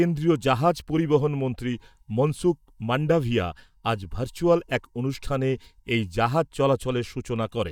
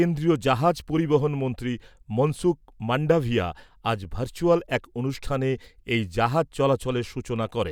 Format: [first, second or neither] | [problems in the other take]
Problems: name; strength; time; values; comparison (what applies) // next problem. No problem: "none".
second | noise reduction (neural mask model DeepFilterNet 3)